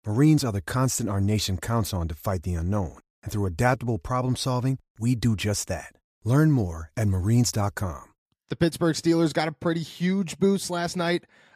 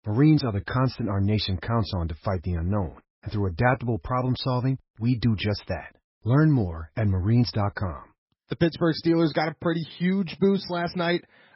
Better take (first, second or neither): first